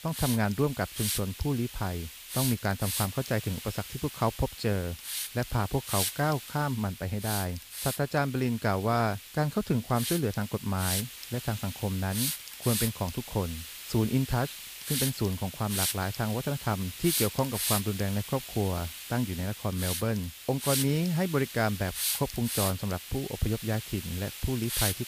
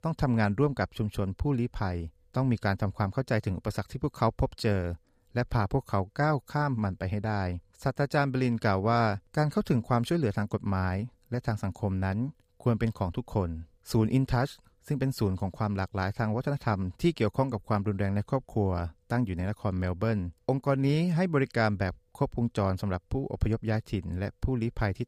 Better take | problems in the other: second | hiss; loud; throughout; 4 dB below the speech

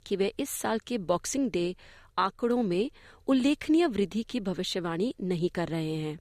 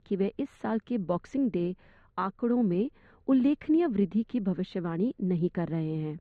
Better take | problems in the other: first | muffled; very; fading above 2 kHz

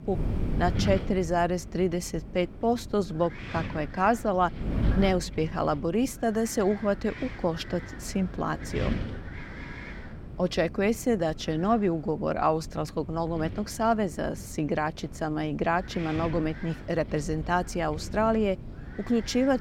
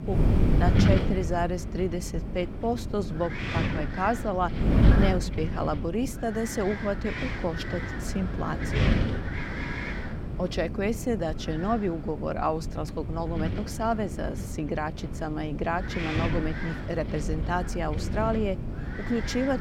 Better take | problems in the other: first | wind noise on the microphone; heavy; 5 dB below the speech; occasional gusts in the first

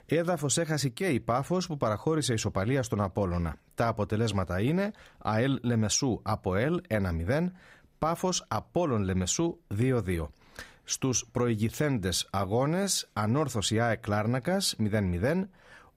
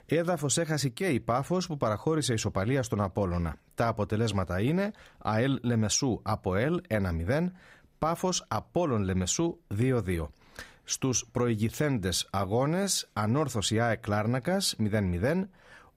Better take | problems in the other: neither | none

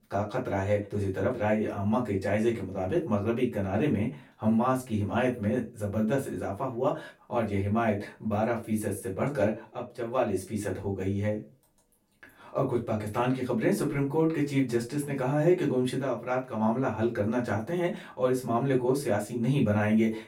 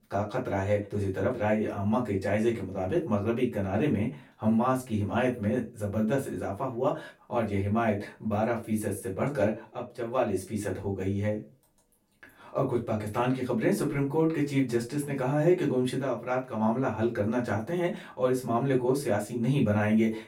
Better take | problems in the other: neither | off-mic speech; far; the same in both // room echo; very slight; dies away in 0.2 s; the same in both

